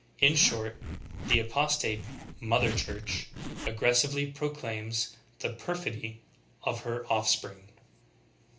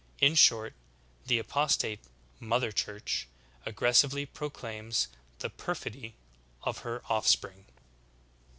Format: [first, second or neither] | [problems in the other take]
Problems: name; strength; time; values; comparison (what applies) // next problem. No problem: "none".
second | background sound (Zipper (clothing)); 7 dB below the speech // room echo; dies away in 0.3 s